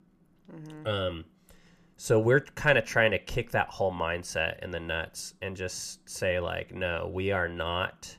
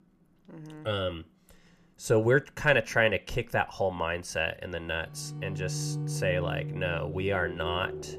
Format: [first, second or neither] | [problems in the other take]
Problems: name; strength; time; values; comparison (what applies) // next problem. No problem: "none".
first | background music; loud; from 5.5 s on; 7 dB below the speech